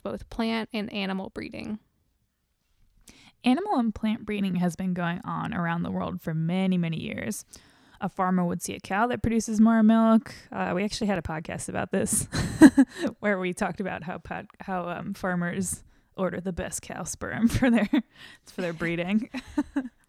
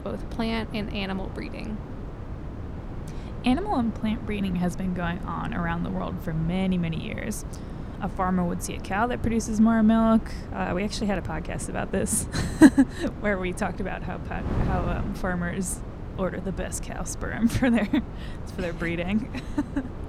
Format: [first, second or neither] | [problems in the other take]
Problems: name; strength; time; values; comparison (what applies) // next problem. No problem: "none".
first | wind noise on the microphone; occasional gusts; 15 dB below the speech